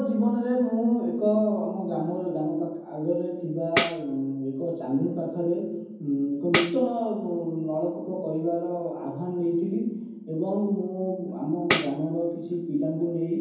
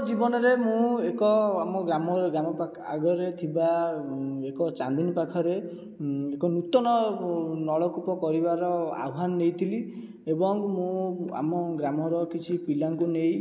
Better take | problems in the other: second | background sound (Tambourine); 5 dB below the speech // room echo; dies away in 0.9 s

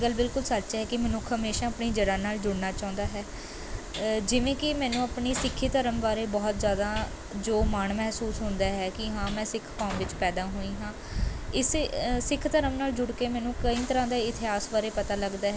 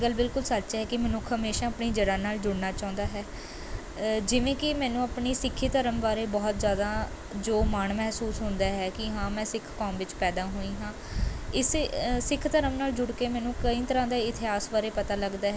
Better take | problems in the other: second | background sound (Train); 18 dB below the speech

